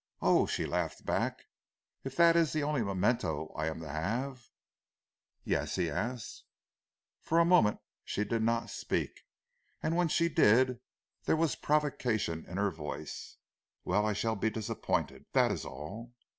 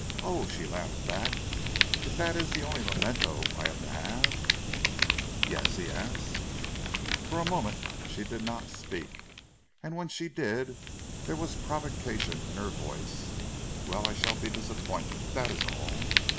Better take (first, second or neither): first